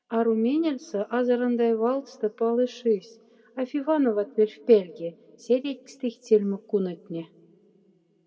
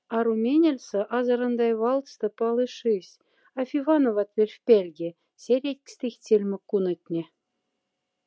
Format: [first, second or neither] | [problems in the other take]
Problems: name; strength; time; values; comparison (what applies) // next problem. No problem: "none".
second | room echo; dies away in 1.4 s